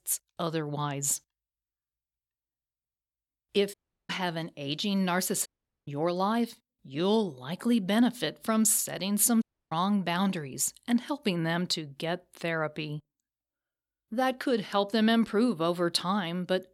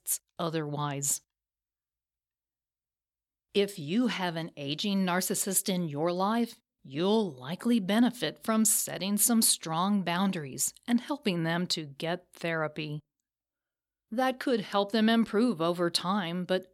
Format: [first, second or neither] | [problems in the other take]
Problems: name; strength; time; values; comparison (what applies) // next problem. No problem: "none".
second | audio cutting out; at 3.5 s, at 5.5 s and at 9.5 s